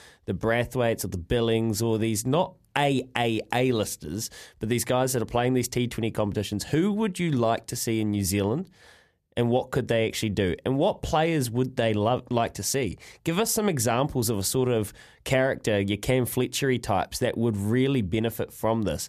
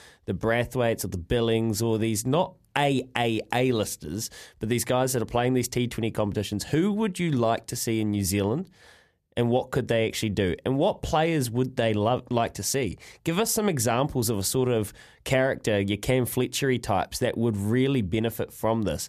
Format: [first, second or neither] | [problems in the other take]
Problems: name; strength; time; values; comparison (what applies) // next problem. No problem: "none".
neither | none